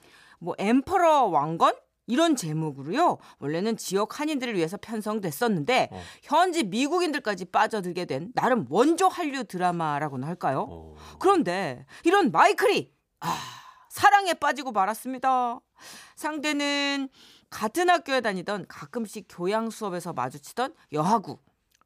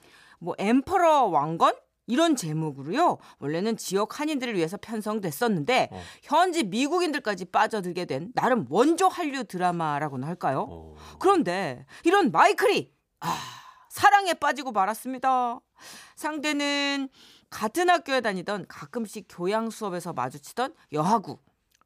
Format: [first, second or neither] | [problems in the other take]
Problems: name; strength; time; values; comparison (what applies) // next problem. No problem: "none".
neither | none